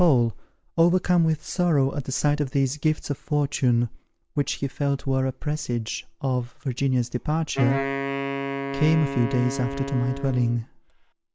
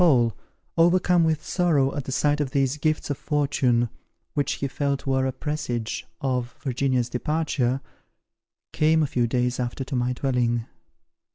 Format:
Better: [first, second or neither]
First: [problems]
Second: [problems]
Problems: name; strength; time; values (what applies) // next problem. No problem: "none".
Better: second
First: background sound (Wind instrument, woodwind instrument); 6 dB below the speech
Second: none